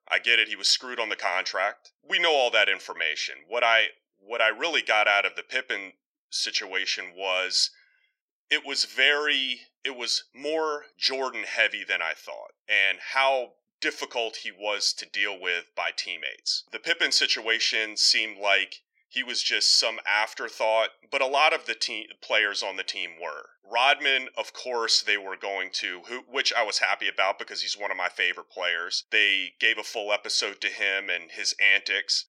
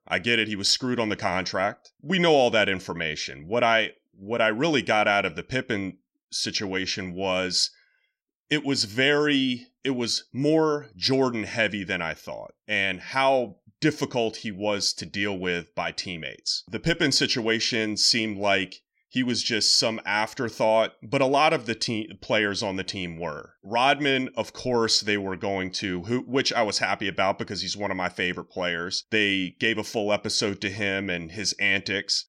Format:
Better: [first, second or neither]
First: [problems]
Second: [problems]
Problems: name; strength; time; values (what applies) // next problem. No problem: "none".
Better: second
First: thin; very; fading below 500 Hz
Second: none